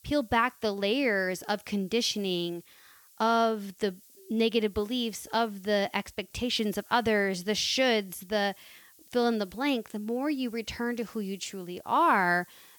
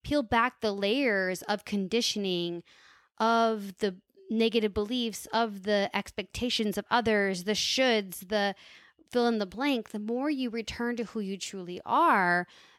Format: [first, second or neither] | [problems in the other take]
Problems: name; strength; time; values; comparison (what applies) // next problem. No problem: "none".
second | hiss; faint; throughout; 25 dB below the speech